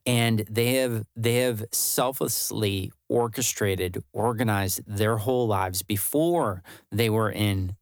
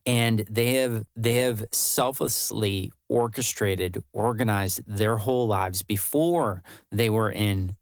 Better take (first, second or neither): first